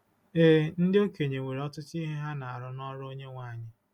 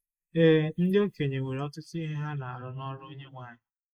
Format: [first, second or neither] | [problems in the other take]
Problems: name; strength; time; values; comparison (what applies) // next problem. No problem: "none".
first | noise reduction (neural mask model Resemble Enhance denoiser)